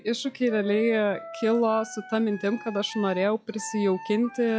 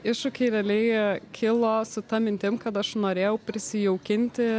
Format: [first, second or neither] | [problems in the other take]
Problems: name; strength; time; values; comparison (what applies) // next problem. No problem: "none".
second | noise reduction (classical method log-MMSE)